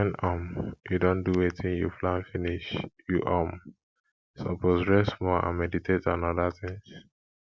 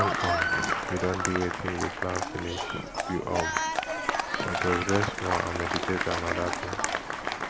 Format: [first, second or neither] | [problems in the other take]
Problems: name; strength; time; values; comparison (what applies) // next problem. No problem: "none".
first | background sound (Applause + Livestock, farm animals, working animals); 2 dB above the speech